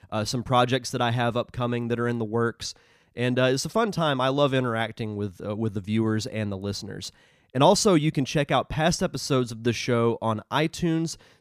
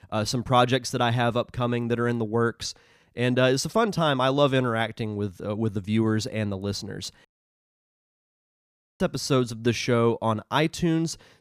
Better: first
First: none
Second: audio cutting out; at 7.5 s for 2 s

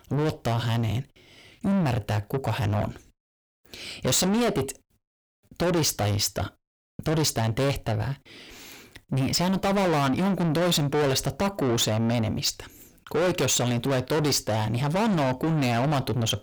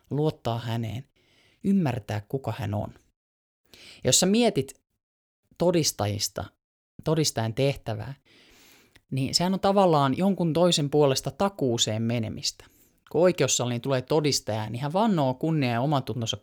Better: second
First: distortion; heavy; 6 dB below the speech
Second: none

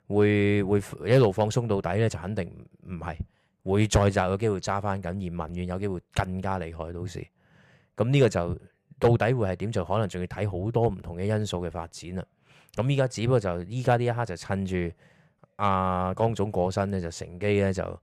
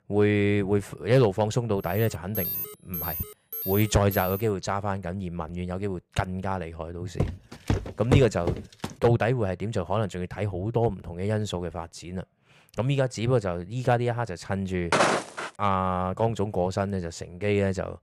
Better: first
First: none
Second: alarm; noticeable; from 2 to 4.5 s; peak 2 dB below the speech // footsteps; loud; from 7 to 9 s and at 15 s; peak 5 dB above the speech

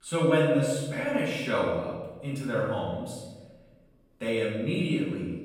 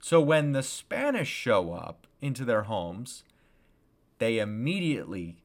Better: second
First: off-mic speech; far // room echo; noticeable; dies away in 1.1 s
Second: none

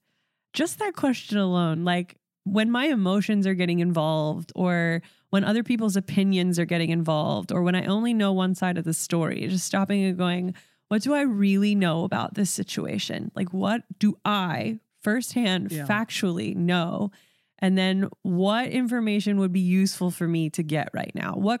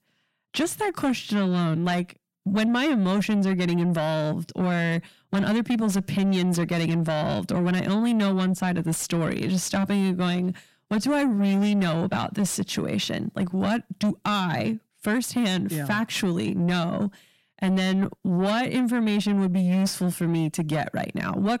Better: first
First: none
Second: distortion; slight; 10 dB below the speech

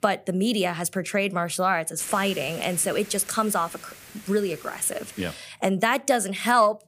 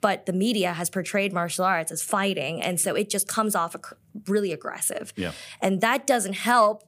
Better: second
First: hiss; noticeable; from 2 to 5.5 s; 15 dB below the speech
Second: none

